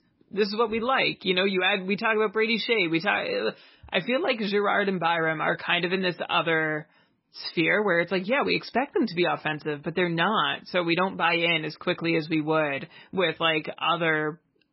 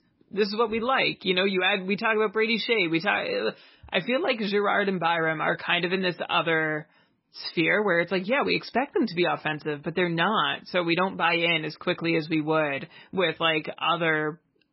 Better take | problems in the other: neither | garbled, watery; badly; nothing above 5.5 kHz; the same in both

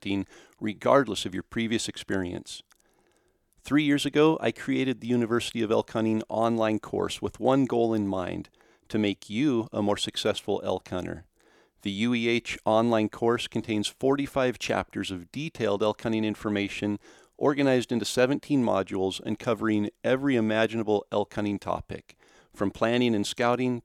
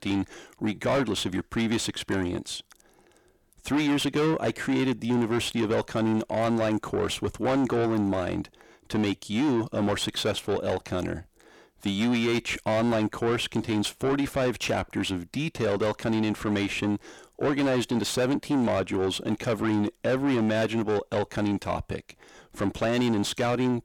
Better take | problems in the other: first | distortion; heavy; 7 dB below the speech

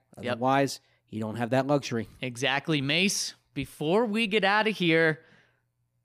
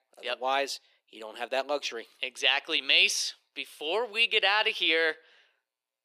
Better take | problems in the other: first | thin; very; fading below 400 Hz

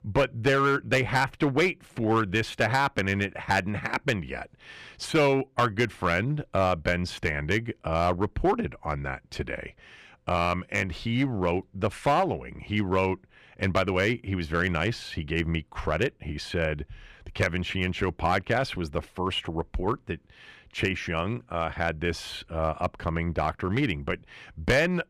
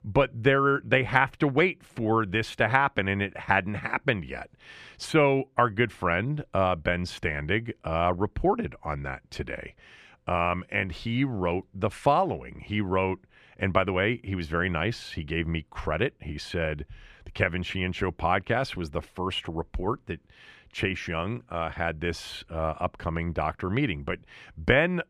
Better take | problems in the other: second | distortion; slight; 3% of the sound clipped

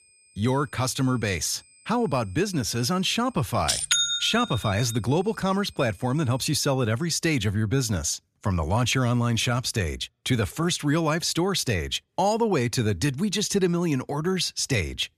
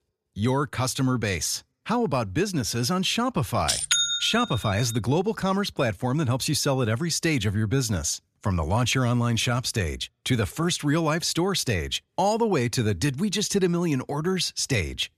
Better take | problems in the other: second | high-pitched whine; faint; until 6.5 s; 8 kHz, 30 dB below the speech

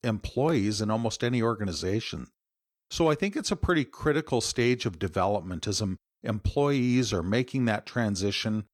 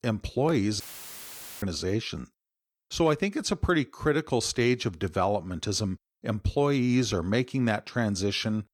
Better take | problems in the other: first | audio cutting out; filled with static; at 1 s for 1 s

